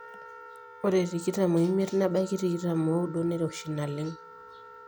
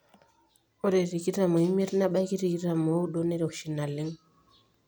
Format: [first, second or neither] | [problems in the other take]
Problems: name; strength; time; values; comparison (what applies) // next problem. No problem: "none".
second | background sound (Wind instrument, woodwind instrument); 19 dB below the speech